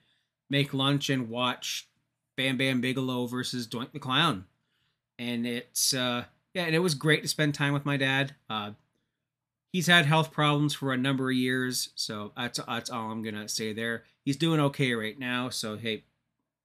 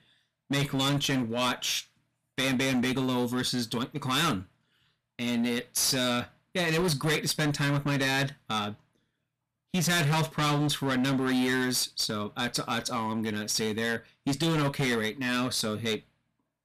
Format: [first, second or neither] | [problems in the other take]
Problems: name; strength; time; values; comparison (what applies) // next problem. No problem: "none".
first | distortion; heavy; 15% of the sound clipped